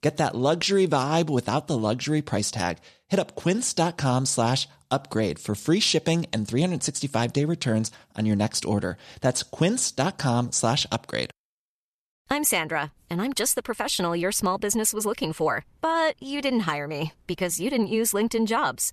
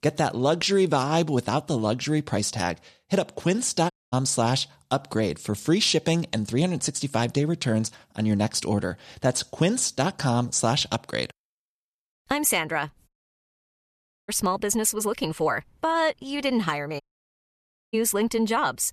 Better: first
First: none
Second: audio cutting out; at 4 s, at 13 s for 1 s and at 17 s for 1 s

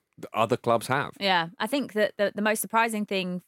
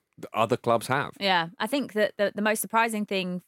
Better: neither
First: none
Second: none

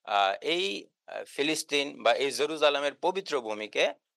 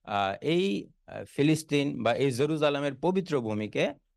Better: second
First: thin; very; fading below 600 Hz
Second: none

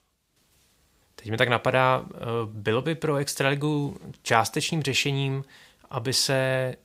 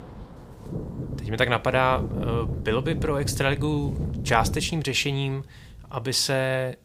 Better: first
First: none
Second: wind noise on the microphone; occasional gusts; 15 dB below the speech

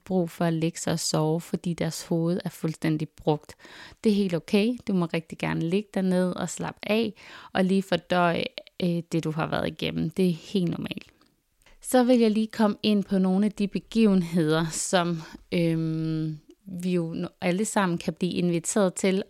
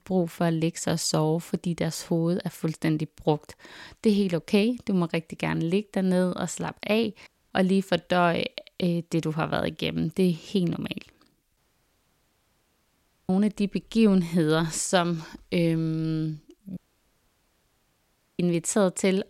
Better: first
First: none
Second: audio cutting out; at 7.5 s, at 12 s for 1.5 s and at 17 s for 1.5 s

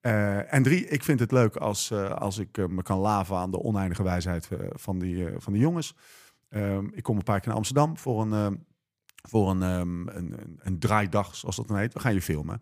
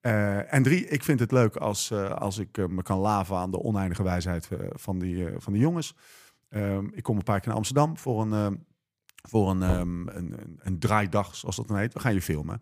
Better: first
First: none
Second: door banging; noticeable; at 9.5 s; peak 6 dB below the speech

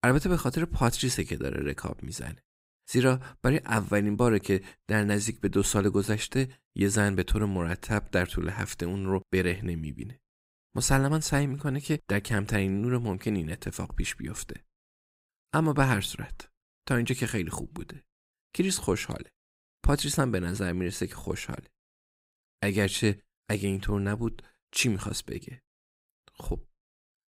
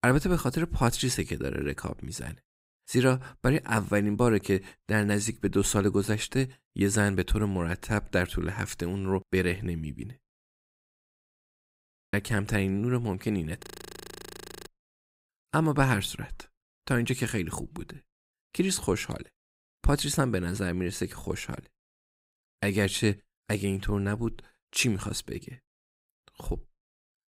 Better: first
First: none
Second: audio freezing; at 10 s for 2 s and at 14 s for 1 s

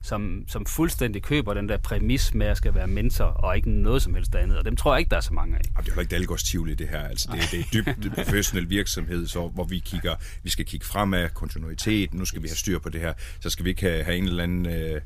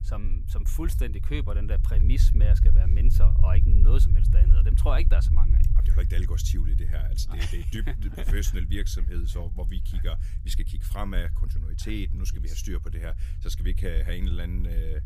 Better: first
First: low rumble; faint; throughout; 25 dB below the speech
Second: low rumble; loud; throughout; 6 dB below the speech

